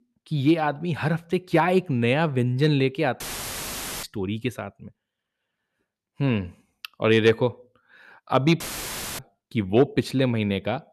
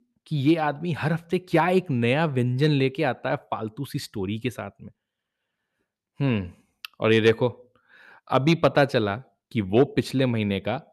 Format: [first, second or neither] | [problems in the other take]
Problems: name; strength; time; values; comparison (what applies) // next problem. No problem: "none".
second | audio cutting out; filled with static; at 3 s for 1 s and at 8.5 s for 0.5 s